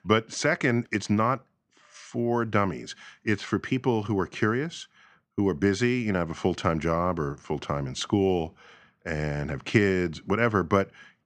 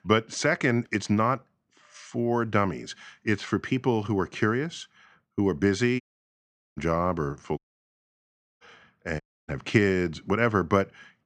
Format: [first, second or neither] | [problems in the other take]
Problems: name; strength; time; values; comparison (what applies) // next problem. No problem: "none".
first | audio cutting out; at 6 s for 1 s, at 7.5 s for 1 s and at 9 s